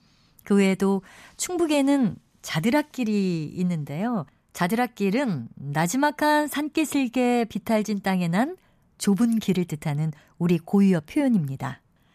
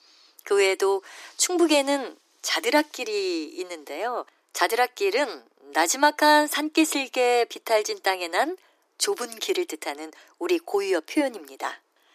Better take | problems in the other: first | thin; very; fading below 300 Hz

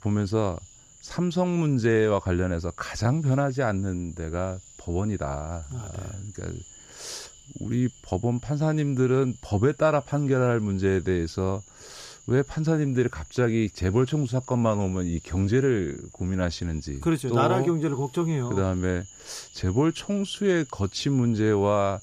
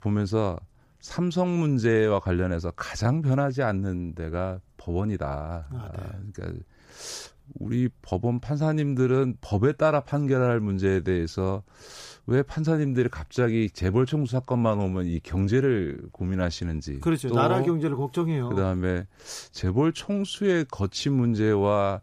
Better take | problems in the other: second | animal sounds; faint; throughout; 25 dB below the speech

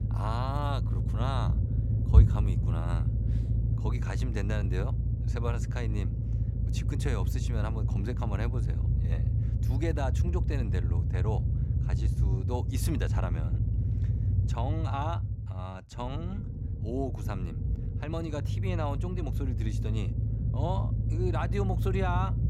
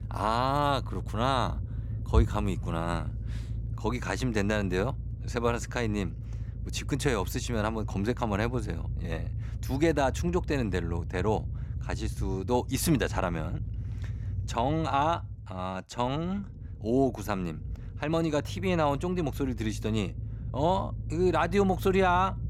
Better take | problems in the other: second | low rumble; loud; throughout; 6 dB below the speech; faint in the second

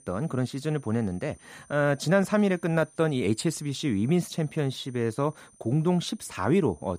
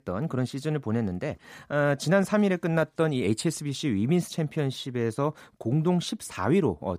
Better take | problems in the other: second | high-pitched whine; faint; throughout; 9 kHz, 25 dB below the speech

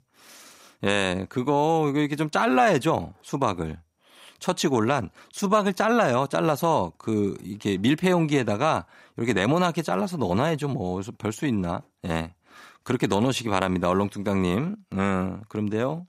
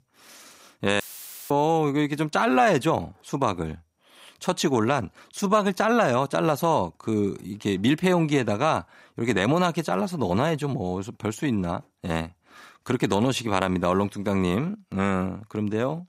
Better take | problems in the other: first | audio cutting out; filled with static; at 1 s for 0.5 s

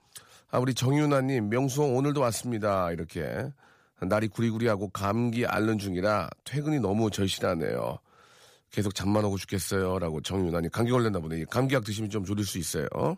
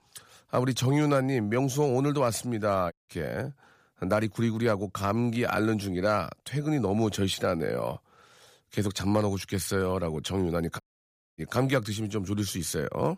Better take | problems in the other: first | audio cutting out; at 3 s and at 11 s for 0.5 s

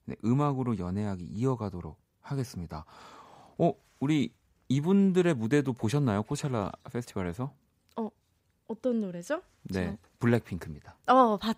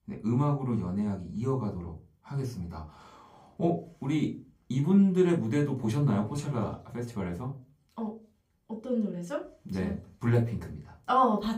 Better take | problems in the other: first | off-mic speech; far // room echo; very slight; dies away in 0.3 s

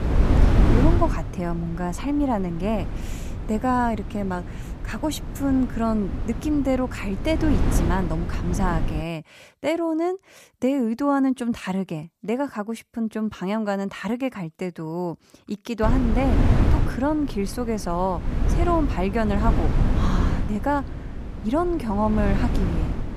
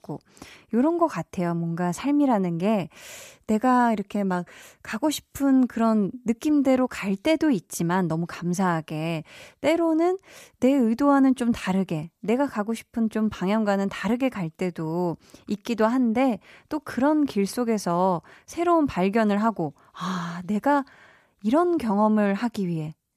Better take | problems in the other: second | wind noise on the microphone; heavy; until 9 s and from 16 s on; 7 dB below the speech

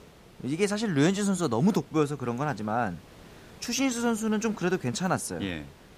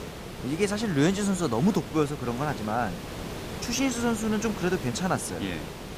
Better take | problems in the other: first | hiss; loud; throughout; 10 dB below the speech; faint in the first

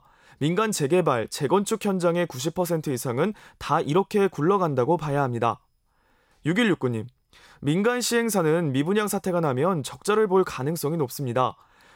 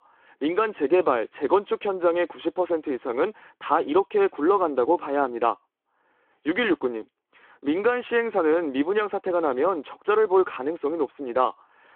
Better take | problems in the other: first | phone-call audio

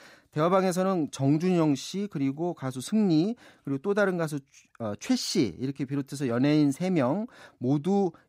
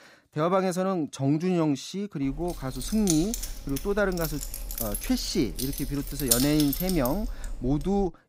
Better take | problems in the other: first | jangling keys; loud; from 2.5 s on; peak 4 dB above the speech

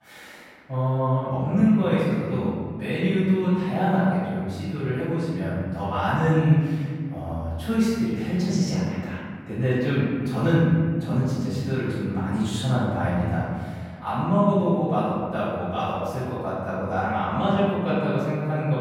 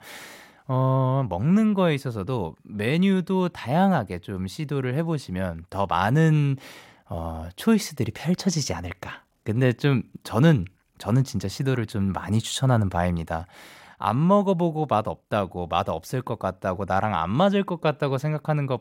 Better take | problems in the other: second | room echo; strong; dies away in 2 s // off-mic speech; far

